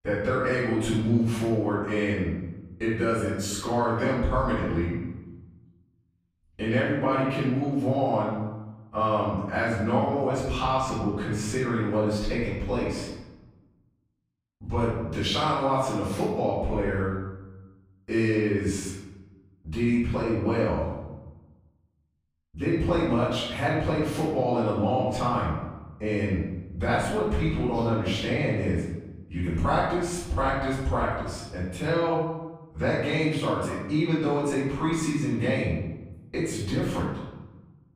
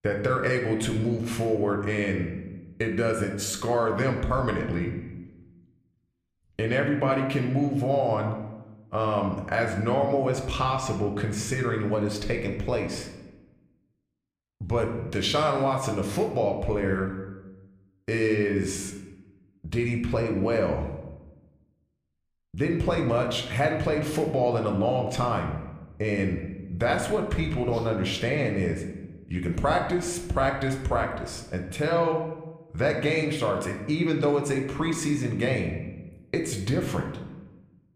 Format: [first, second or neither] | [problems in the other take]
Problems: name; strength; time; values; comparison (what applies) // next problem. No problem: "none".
second | room echo; strong; dies away in 1 s; slight in the second // off-mic speech; far